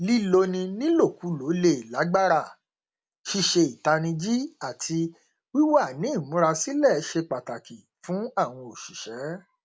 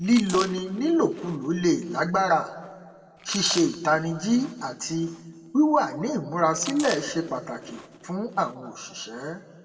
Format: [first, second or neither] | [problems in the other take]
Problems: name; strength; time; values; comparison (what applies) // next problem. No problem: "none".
first | background sound (Chewing, mastication); 17 dB below the speech // room echo; dies away in 1.3 s